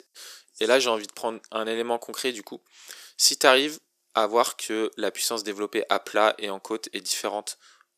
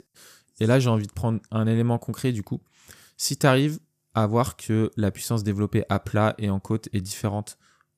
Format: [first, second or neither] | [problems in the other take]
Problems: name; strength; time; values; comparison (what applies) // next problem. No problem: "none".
second | thin; very; fading below 350 Hz